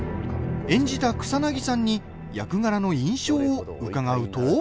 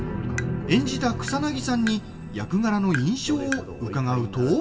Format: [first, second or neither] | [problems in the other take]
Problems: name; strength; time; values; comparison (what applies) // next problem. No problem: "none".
first | background sound (Tap); 16 dB below the speech // room echo; dies away in 2.9 s